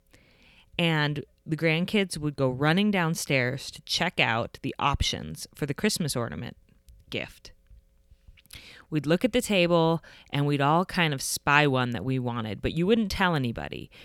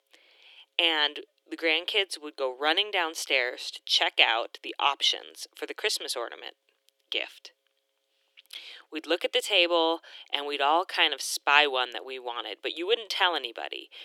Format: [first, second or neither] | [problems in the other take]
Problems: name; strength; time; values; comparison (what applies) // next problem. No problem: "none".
first | thin; very; fading below 300 Hz